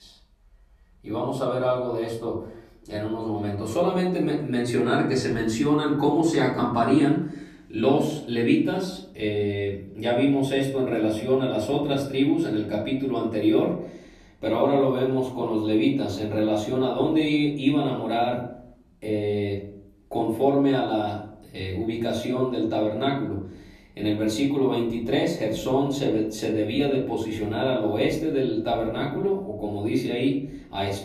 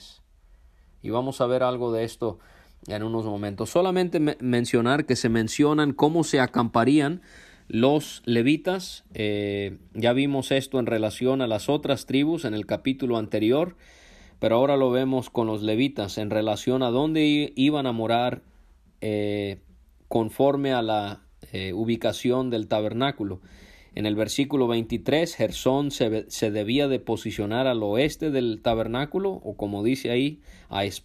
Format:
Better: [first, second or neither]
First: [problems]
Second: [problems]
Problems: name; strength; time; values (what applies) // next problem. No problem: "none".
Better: second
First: room echo; slight; dies away in 0.6 s // off-mic speech; far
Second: none